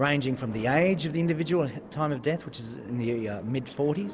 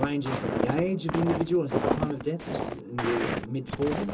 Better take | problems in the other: first | background sound (Walk, footsteps); 1 dB below the speech // room echo; dies away in 0.2 s

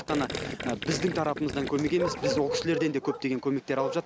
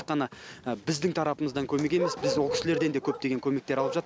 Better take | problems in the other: second | background sound (Gurgling); 8 dB below the speech

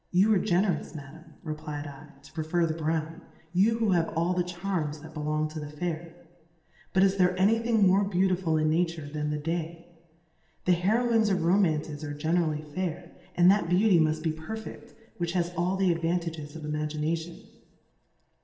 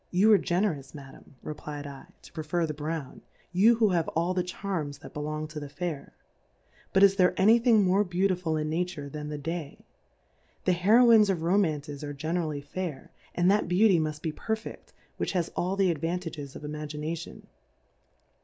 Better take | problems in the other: second | room echo; dies away in 1.2 s

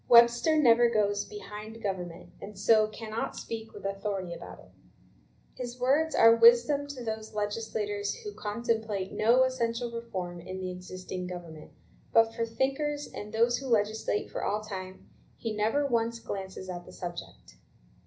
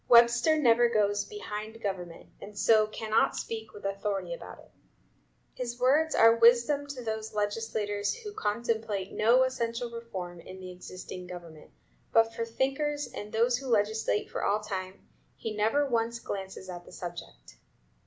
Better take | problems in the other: second | room echo; dies away in 0.5 s

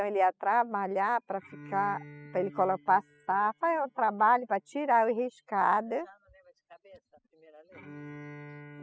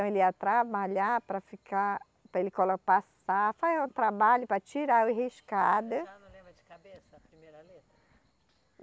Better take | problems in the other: second | noise reduction (classical method spectral subtraction)

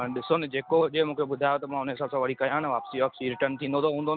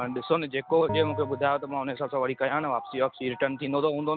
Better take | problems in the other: first | background sound (Bell); 11 dB below the speech

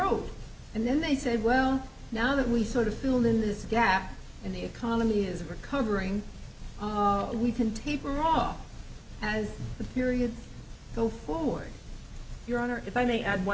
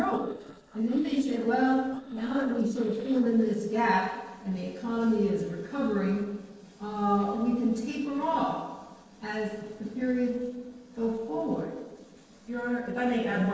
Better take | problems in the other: first | noise reduction (neural separator model SepFormer DNS4)

